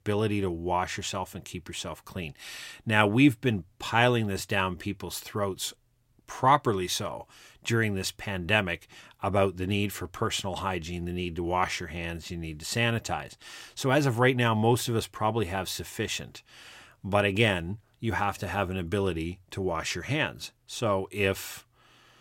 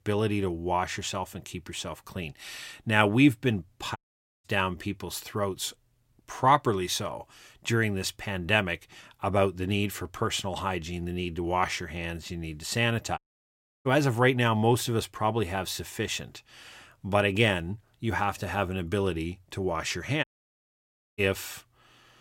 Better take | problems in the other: first | audio cutting out; at 4 s, at 13 s for 0.5 s and at 20 s for 1 s

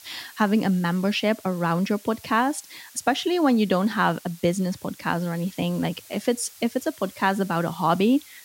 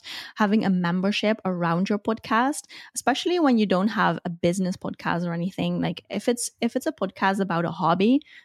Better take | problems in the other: second | hiss; faint; throughout; 20 dB below the speech

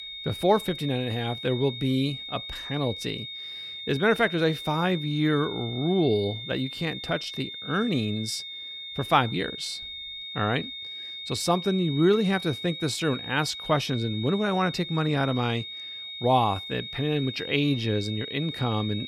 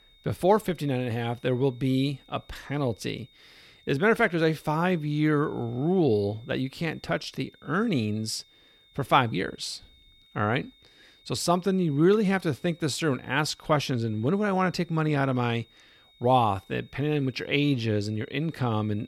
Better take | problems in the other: second | high-pitched whine; loud; throughout; 3.5 kHz, 8 dB below the speech; faint in the second

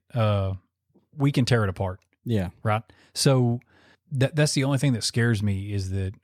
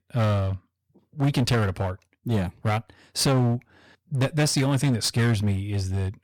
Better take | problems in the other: first | distortion; slight; 13% of the sound clipped

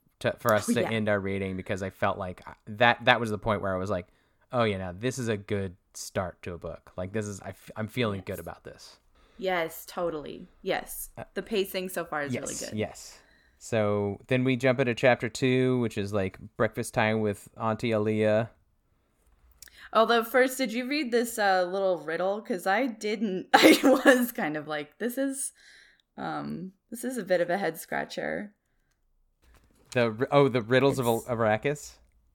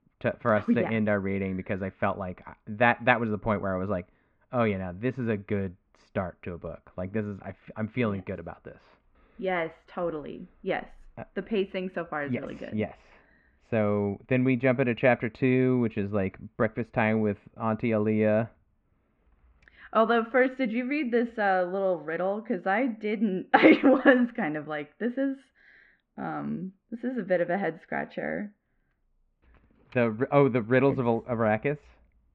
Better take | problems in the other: first | muffled; very; fading above 2.5 kHz

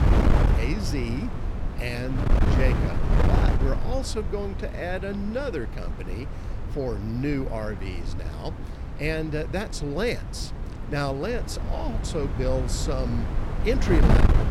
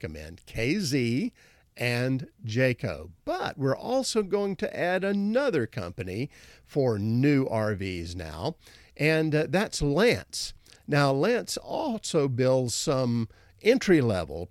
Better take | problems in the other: second | wind noise on the microphone; heavy; 3 dB below the speech

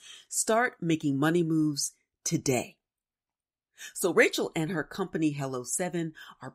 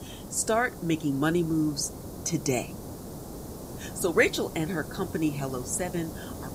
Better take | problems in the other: first | hiss; noticeable; throughout; 10 dB below the speech

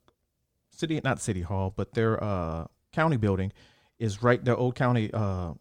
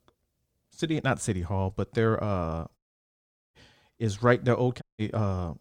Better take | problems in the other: first | audio cutting out; at 3 s for 1 s and at 5 s

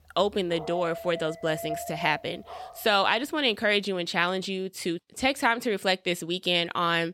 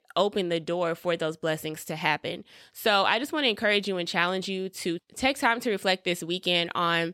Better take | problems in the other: second | dog barking; noticeable; until 3 s; peak 8 dB below the speech

